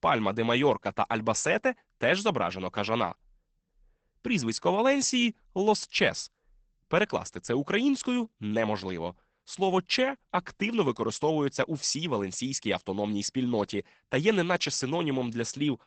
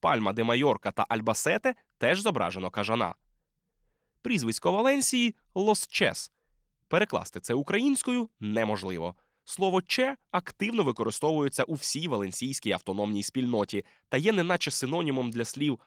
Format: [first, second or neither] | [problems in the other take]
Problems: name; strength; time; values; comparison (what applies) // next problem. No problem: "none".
second | garbled, watery; badly; nothing above 8 kHz; slightly in the second